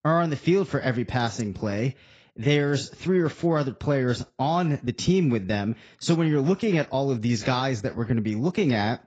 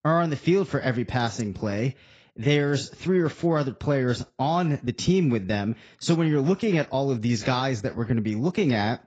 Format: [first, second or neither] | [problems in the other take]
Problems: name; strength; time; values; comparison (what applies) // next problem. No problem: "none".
neither | garbled, watery; badly; nothing above 7.5 kHz; the same in both